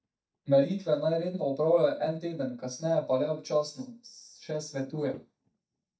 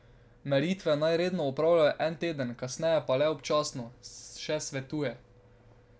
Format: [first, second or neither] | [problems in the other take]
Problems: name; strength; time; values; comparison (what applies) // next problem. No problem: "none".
second | noise reduction (neural mask model DeepFilterNet 3)